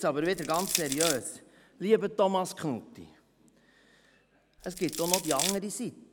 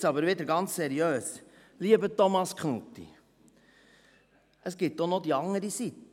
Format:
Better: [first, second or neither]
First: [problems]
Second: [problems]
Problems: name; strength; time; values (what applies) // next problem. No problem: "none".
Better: second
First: background sound (Crushing); 2 dB below the speech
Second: none